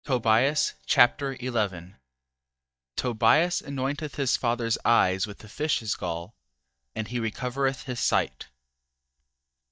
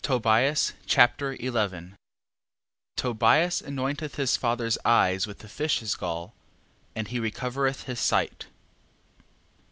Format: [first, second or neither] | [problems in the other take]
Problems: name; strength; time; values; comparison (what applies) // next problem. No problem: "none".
second | noise reduction (neural mask model DeepFilterNet 3)